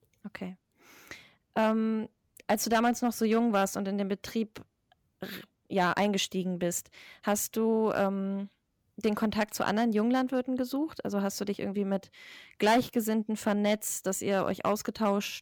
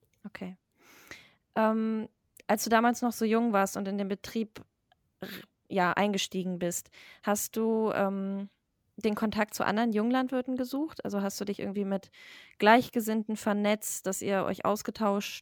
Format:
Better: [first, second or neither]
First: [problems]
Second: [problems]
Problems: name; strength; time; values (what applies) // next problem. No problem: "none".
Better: second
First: distortion; slight; 1.7% of the sound clipped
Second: none